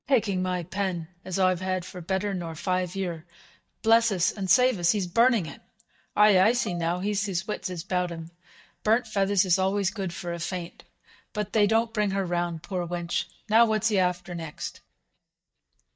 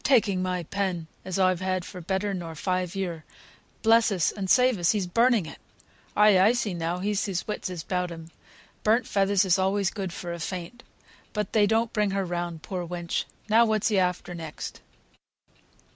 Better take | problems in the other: second | noise reduction (neural mask model DeepFilterNet 3)

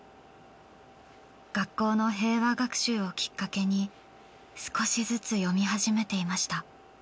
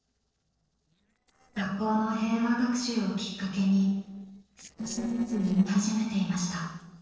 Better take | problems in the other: first | noise reduction (neural separator model SepFormer DNS4)

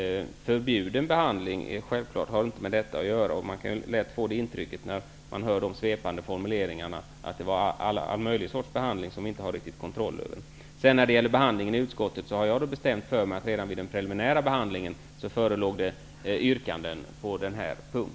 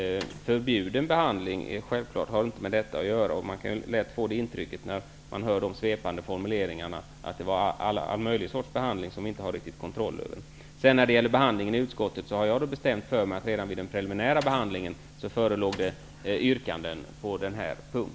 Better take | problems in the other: first | background sound (Mechanisms); 17 dB below the speech

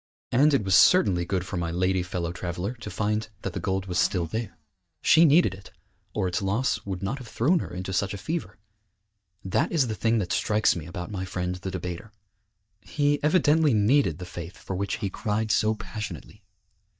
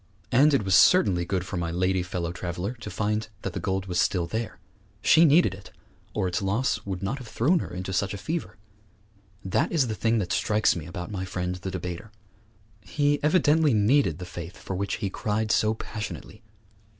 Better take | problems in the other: second | noise reduction (neural mask model DeepFilterNet 3)

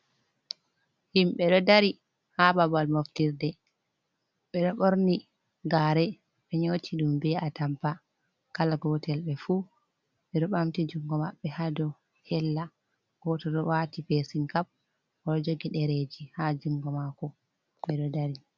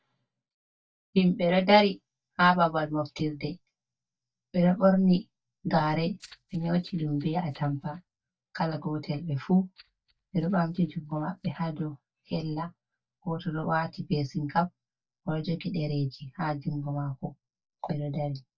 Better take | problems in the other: first | noise reduction (neural mask model DeepFilterNet 3)

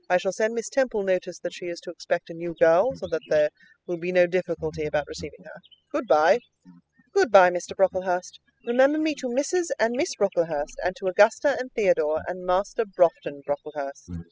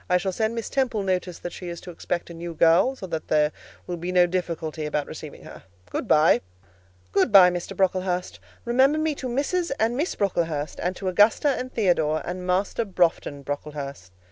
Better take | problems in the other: second | noise reduction (classical method spectral subtraction)

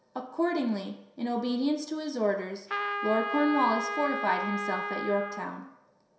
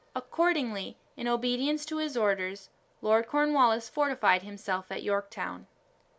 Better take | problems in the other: second | background sound (Trumpet); 4 dB below the speech // room echo; dies away in 0.7 s

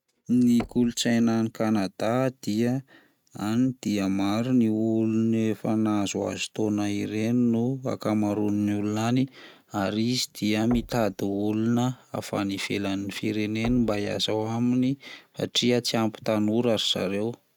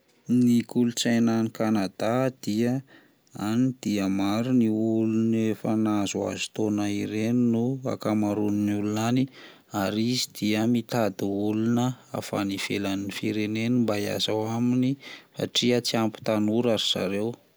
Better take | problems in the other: second | noise reduction (neural mask model RNNoise)

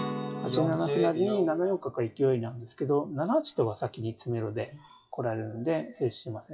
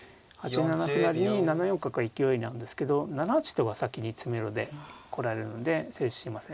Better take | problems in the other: second | noise reduction (classical method WPE with log-MMSE)

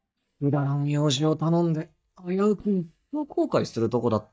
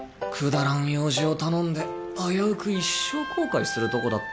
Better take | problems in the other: second | noise reduction (neural mask model DeepFilterNet 3)

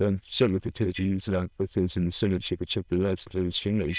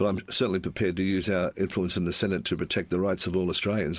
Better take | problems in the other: second | noise reduction (neural diffusion model UNIVERSE++)

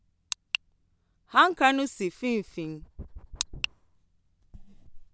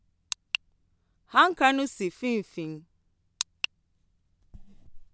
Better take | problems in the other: second | background sound (Dog); 18 dB below the speech

